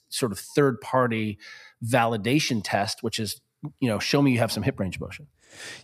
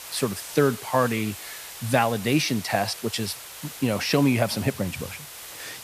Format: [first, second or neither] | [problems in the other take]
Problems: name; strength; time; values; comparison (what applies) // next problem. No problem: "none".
first | hiss; noticeable; throughout; 10 dB below the speech